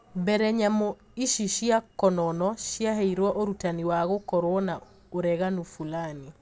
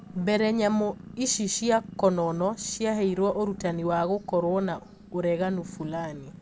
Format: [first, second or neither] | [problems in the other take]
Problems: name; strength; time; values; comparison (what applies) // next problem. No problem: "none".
first | background sound (Purr); 18 dB below the speech